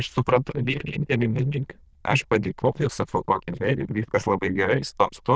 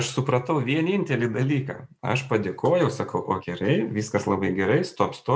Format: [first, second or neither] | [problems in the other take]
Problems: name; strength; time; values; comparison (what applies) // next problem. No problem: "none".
second | noise reduction (neural diffusion model UNIVERSE++)